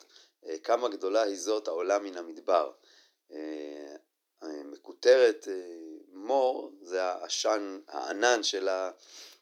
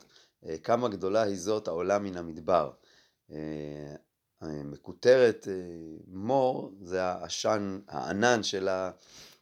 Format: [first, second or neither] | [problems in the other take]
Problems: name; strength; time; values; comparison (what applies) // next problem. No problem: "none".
second | thin; somewhat; fading below 300 Hz